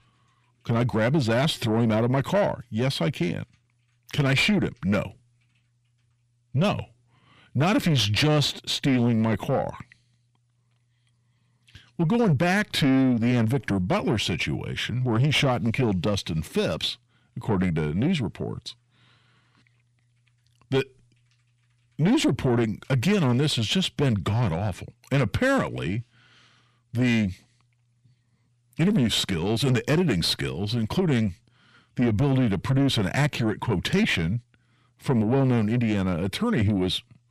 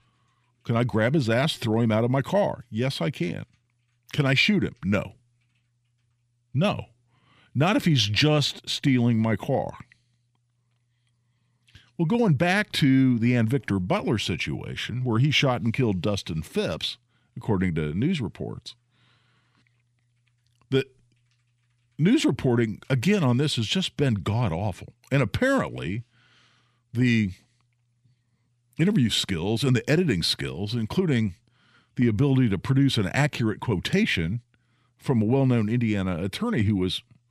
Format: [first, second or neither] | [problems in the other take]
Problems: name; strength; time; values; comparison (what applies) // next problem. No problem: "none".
second | distortion; slight; 10 dB below the speech